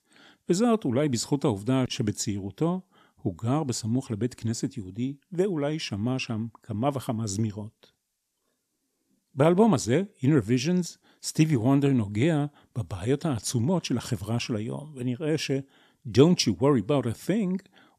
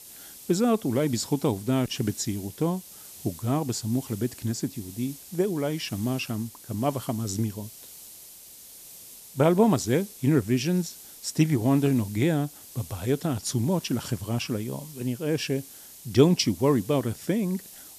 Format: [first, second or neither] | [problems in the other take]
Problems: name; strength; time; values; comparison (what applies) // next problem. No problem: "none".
first | hiss; noticeable; throughout; 15 dB below the speech